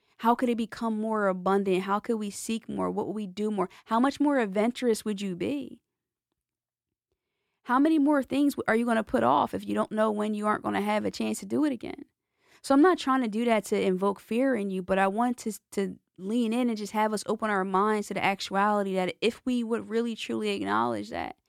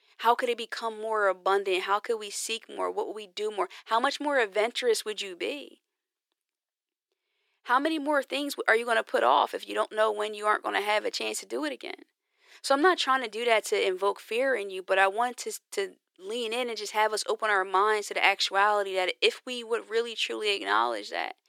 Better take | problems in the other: first | thin; very; fading below 400 Hz

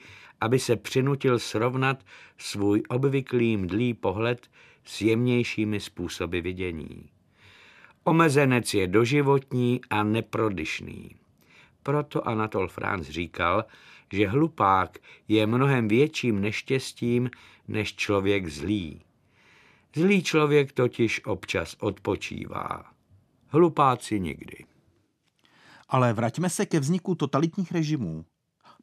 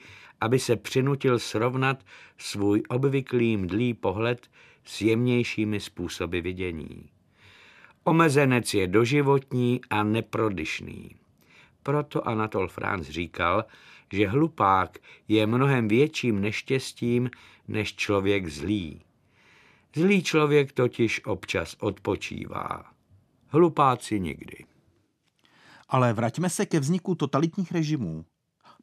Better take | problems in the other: neither | none

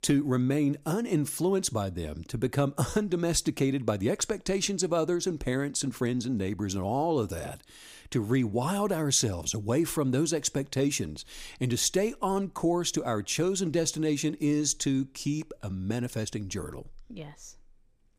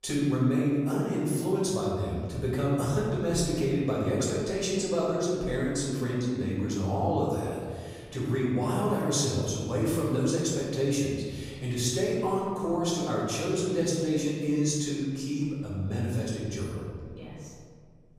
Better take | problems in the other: first | room echo; noticeable; dies away in 1.7 s // off-mic speech; far

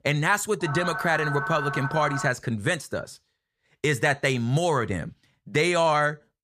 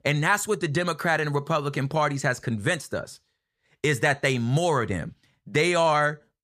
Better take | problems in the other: second | phone ringing; noticeable; from 0.5 to 2.5 s; peak 4 dB below the speech

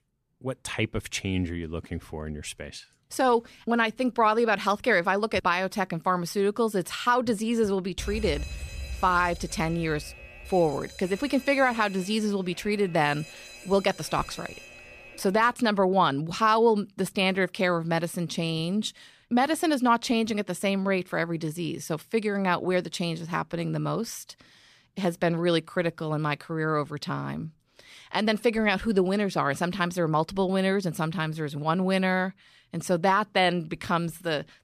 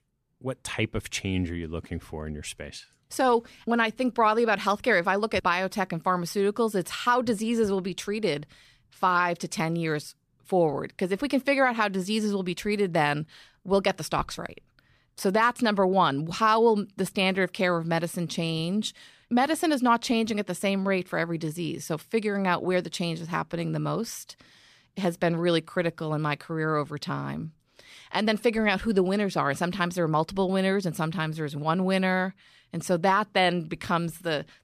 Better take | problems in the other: second | alarm; noticeable; from 8 to 15 s; peak 9 dB below the speech

